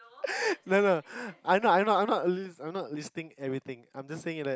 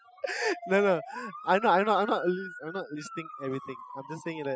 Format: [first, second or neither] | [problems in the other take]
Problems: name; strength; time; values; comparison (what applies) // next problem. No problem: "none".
first | noise reduction (classical method spectral subtraction)